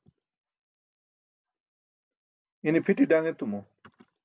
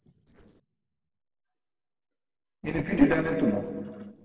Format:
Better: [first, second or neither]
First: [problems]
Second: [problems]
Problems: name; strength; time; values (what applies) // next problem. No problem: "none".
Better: first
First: none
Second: noise reduction (neural separator model SepFormer DNS4)